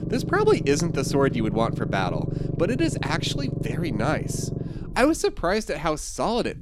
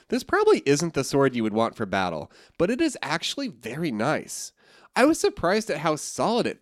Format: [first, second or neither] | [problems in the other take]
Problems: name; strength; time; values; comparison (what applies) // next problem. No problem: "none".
second | low rumble; noticeable; throughout; 10 dB below the speech